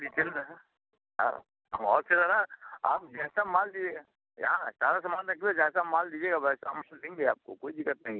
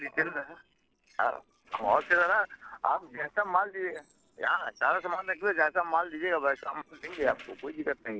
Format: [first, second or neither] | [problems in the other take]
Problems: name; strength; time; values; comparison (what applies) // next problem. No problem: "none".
first | noise reduction (neural separator model SepFormer DNS4)